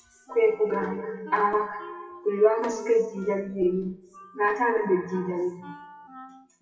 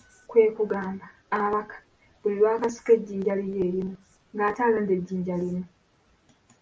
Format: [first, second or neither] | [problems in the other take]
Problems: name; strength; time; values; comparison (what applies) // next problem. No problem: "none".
second | noise reduction (classical method WPE with log-MMSE)